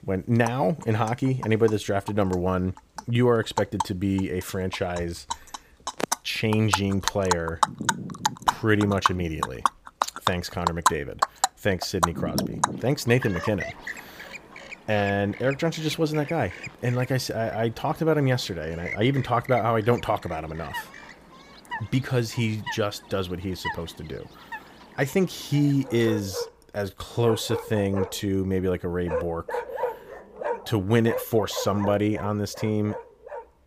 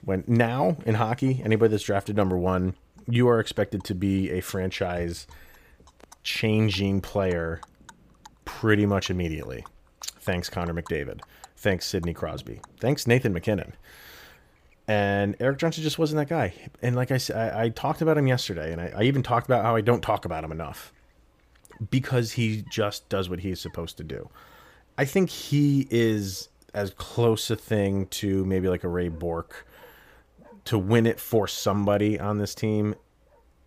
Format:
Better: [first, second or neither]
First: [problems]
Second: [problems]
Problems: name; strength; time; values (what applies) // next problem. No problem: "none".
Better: second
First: animal sounds; loud; throughout; 6 dB below the speech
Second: animal sounds; faint; throughout; 30 dB below the speech